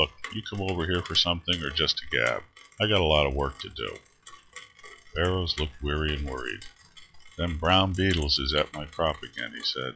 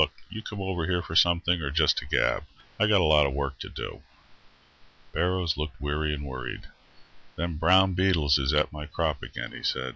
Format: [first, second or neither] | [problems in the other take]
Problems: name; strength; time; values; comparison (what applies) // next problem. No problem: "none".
second | noise reduction (classical method log-MMSE)